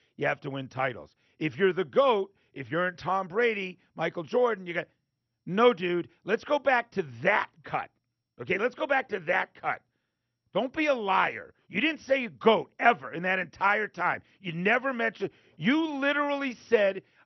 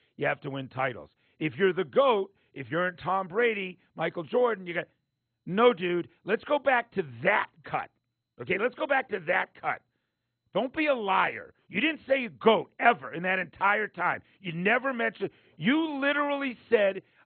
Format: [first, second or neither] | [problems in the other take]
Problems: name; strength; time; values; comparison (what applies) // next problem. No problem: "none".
first | garbled, watery; badly; nothing above 3.5 kHz; slightly in the first